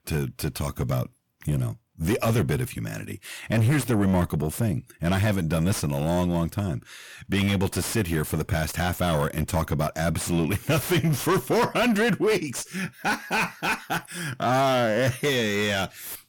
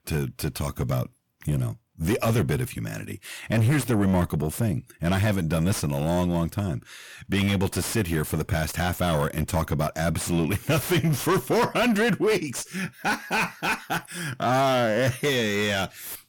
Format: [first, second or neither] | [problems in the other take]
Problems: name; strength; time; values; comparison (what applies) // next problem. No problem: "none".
neither | distortion; heavy; 6 dB below the speech; the same in both